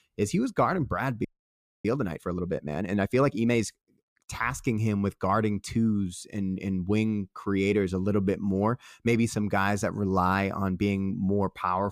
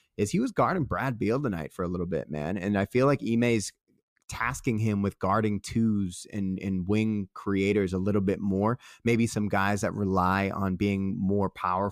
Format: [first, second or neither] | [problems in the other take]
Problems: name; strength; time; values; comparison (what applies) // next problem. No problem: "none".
second | audio freezing; at 1.5 s for 0.5 s